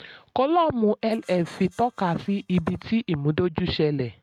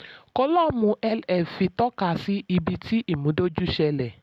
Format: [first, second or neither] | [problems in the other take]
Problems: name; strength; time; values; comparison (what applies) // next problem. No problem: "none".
second | noise reduction (neural mask model RNNoise)